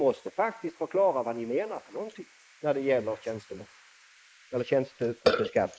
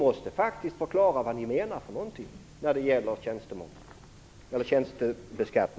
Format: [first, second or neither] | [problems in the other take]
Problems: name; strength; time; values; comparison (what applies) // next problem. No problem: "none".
second | noise reduction (neural mask model Resemble Enhance denoiser)